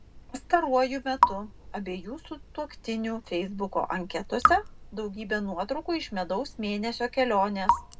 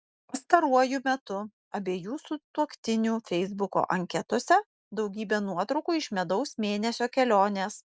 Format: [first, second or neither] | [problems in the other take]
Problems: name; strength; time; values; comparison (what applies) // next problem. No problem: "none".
second | background sound (Raindrop / Drip); 3 dB below the speech // room echo; dies away in 0.2 s